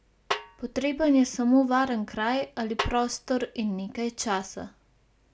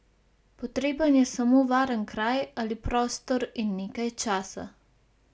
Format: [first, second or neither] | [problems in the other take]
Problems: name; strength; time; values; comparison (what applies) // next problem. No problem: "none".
second | background sound (Snare drum); 10 dB below the speech